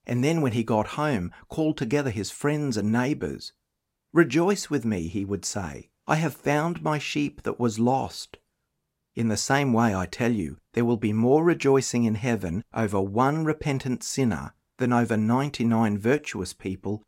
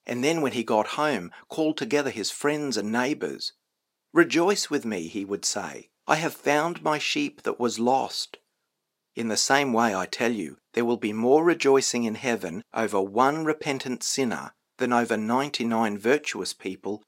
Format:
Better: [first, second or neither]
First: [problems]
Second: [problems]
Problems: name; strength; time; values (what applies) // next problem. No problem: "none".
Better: first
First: none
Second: thin; very slightly; fading below 300 Hz